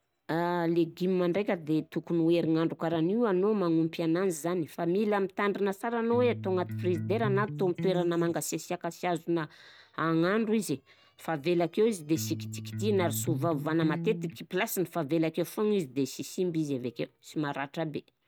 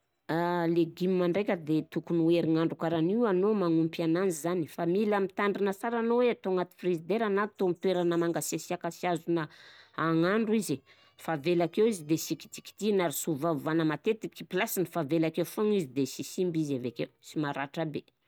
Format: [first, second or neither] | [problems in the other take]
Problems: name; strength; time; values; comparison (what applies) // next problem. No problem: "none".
second | background sound (Electric guitar); 6 dB below the speech